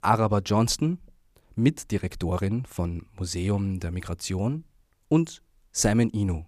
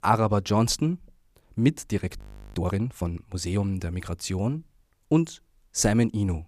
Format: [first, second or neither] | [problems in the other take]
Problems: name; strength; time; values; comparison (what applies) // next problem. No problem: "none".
first | audio freezing; at 2 s